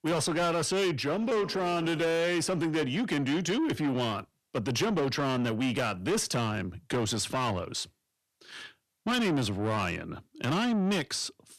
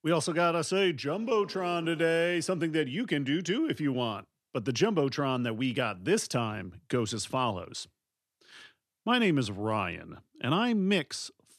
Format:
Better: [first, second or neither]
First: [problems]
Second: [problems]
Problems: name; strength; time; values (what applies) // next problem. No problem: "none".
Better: second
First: distortion; heavy; 8 dB below the speech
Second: none